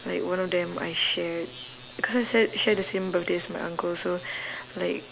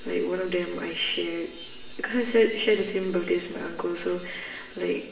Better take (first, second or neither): first